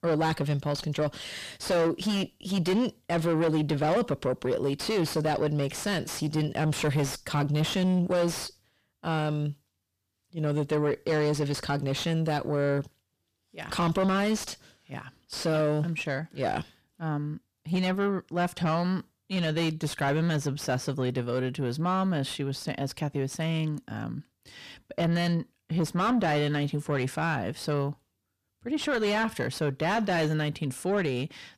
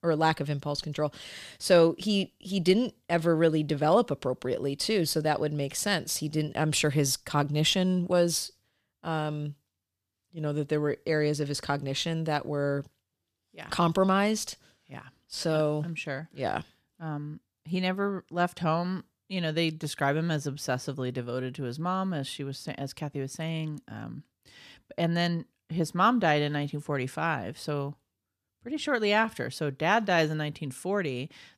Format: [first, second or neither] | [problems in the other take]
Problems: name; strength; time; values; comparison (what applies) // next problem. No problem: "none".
second | distortion; heavy; 7 dB below the speech